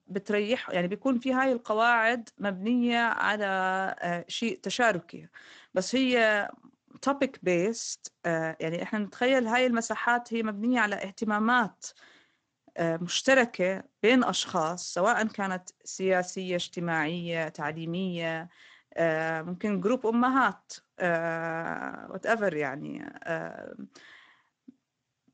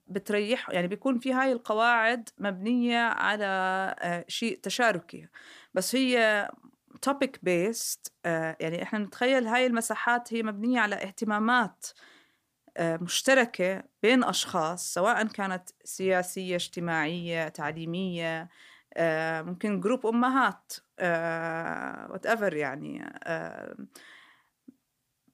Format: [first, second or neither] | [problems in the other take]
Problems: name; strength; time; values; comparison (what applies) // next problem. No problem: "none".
second | garbled, watery; slightly; nothing above 7.5 kHz